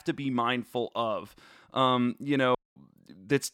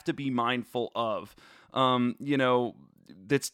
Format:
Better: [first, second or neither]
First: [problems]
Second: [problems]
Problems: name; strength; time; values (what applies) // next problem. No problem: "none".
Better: second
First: audio cutting out; at 2.5 s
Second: none